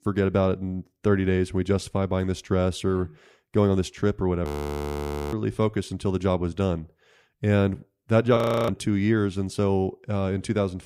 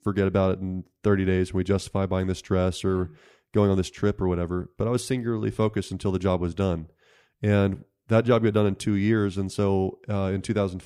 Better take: second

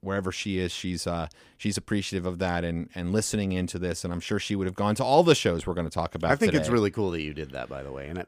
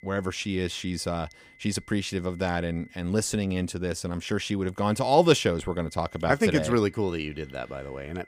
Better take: first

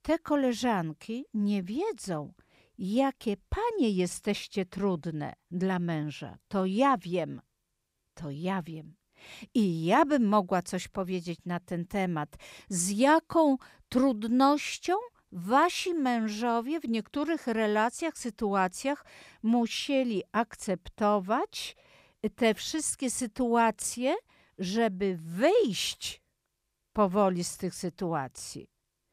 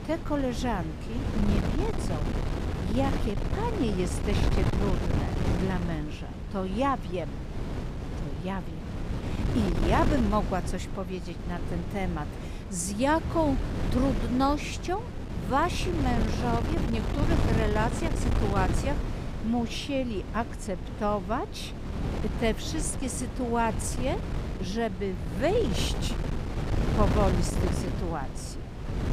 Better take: first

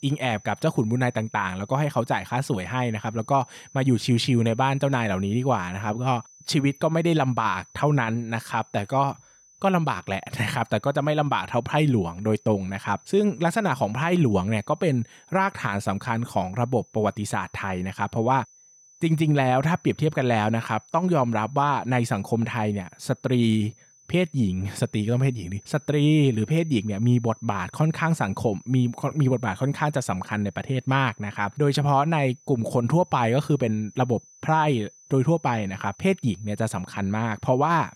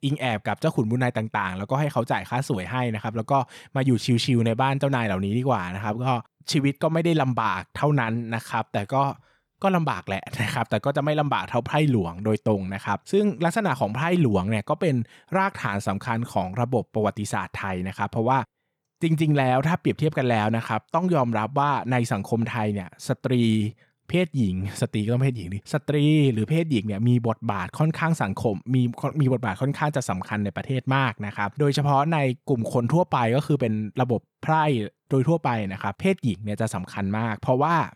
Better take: second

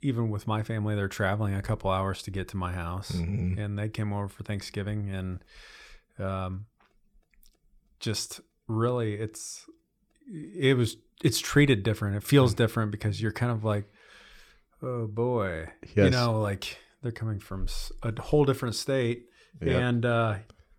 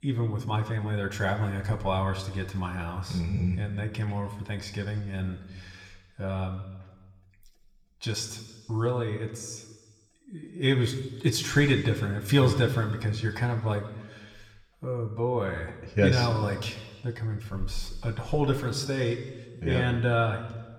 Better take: first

